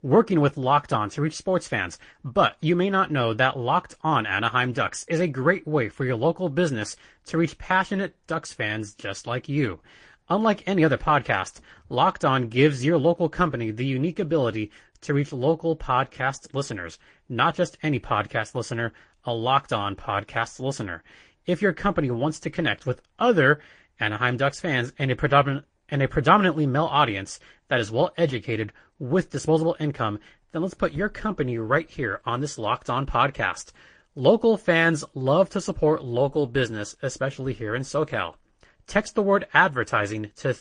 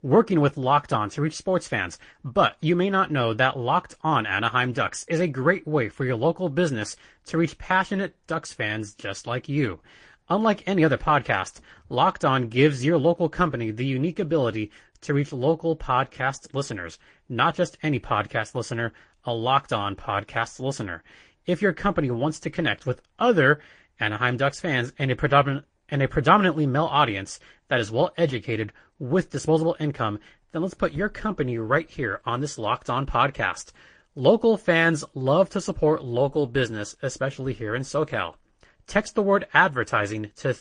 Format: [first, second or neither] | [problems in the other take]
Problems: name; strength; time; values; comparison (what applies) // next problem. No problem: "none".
neither | garbled, watery; slightly; nothing above 9.5 kHz; the same in both